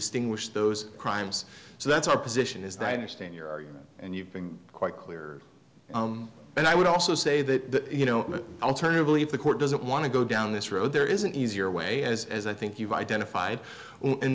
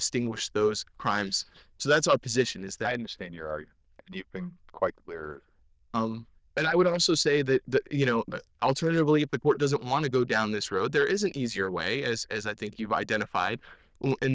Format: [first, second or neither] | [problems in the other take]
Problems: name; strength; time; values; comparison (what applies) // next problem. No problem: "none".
first | noise reduction (neural diffusion model UNIVERSE++)